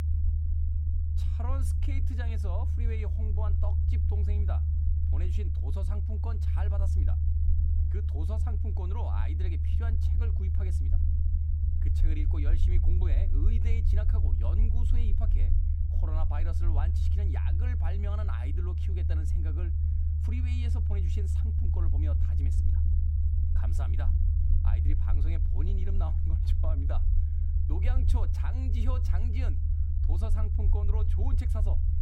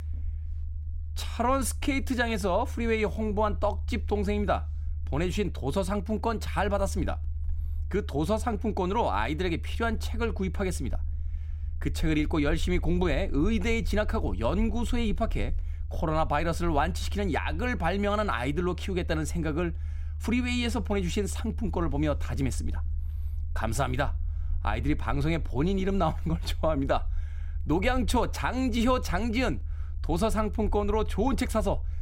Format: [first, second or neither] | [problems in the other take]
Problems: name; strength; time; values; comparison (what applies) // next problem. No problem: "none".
second | low rumble; loud; throughout; as loud as the speech; faint in the second